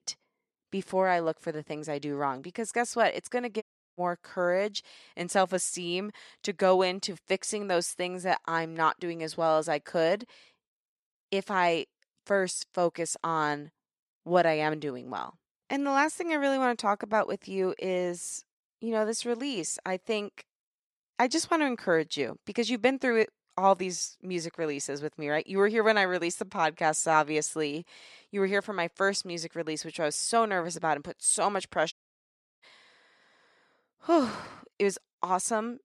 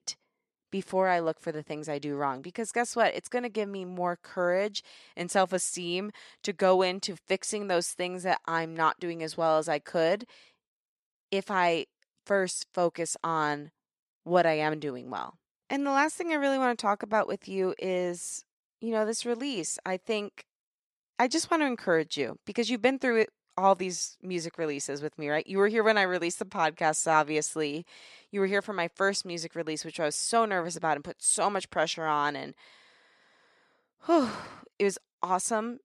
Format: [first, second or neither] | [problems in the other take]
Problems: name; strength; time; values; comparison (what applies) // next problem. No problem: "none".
second | audio cutting out; at 3.5 s and at 32 s for 0.5 s